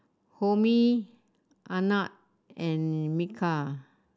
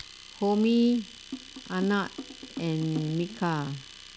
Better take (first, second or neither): first